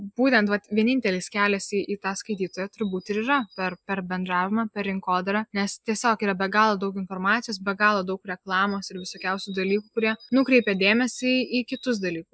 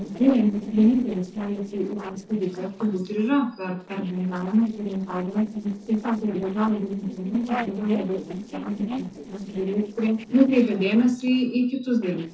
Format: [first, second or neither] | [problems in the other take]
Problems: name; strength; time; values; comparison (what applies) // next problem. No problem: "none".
first | noise reduction (neural separator model SepFormer DNS4)